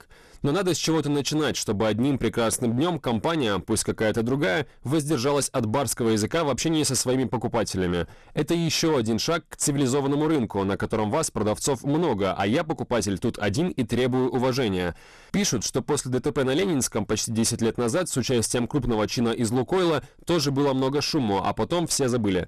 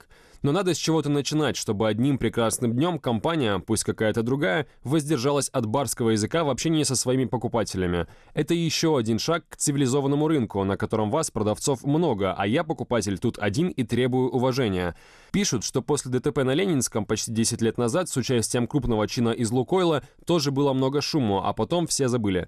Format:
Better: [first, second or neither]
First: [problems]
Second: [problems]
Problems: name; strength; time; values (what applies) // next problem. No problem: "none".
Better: second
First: distortion; slight; 14% of the sound clipped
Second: none